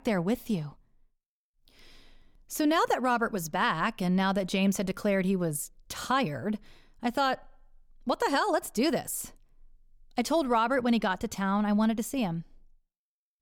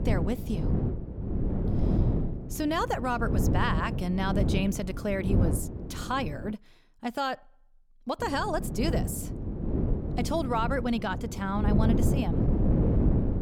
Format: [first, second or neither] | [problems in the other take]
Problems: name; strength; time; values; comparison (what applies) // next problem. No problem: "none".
first | wind noise on the microphone; heavy; until 6.5 s and from 8 s on; 6 dB below the speech